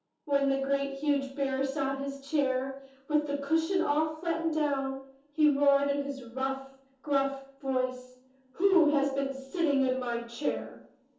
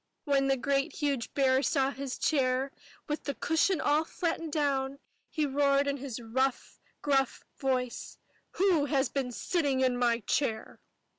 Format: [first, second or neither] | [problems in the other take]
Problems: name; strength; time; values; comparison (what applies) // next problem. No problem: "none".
second | room echo; dies away in 0.6 s